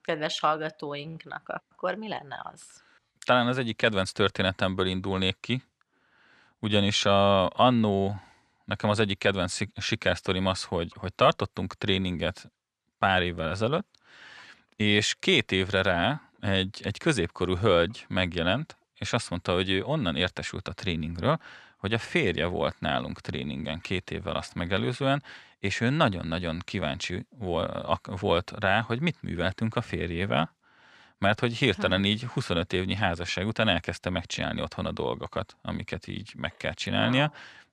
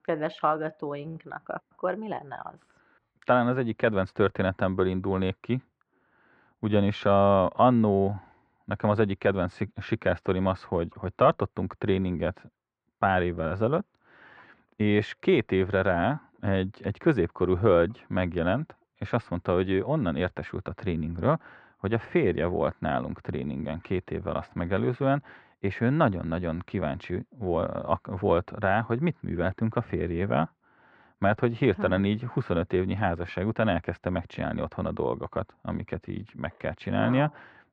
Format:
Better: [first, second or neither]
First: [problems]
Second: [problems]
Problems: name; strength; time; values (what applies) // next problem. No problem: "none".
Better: first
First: none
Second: muffled; very; fading above 3.5 kHz